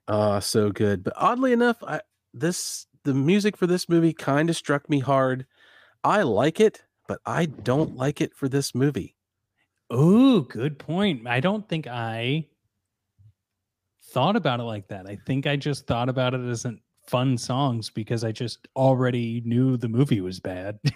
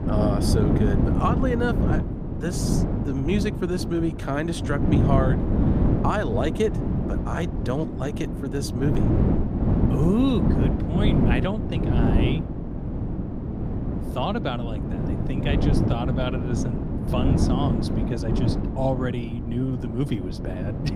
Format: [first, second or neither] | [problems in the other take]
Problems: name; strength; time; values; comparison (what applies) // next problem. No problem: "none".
first | wind noise on the microphone; heavy; 2 dB below the speech